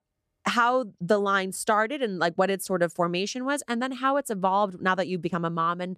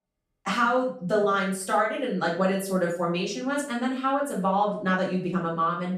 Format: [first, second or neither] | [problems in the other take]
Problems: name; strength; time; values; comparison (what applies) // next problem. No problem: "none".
first | off-mic speech; far // room echo; noticeable; dies away in 0.4 s